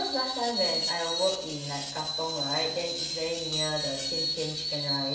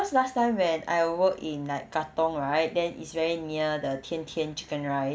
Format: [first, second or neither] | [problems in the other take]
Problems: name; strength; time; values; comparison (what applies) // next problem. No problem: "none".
second | background sound (Screech); as loud as the speech // room echo; dies away in 0.8 s